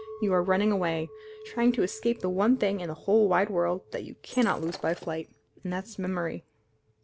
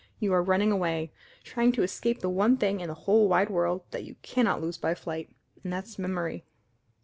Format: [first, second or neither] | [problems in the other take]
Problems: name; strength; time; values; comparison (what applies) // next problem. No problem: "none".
second | background sound (Chink, clink + Shatter); 19 dB below the speech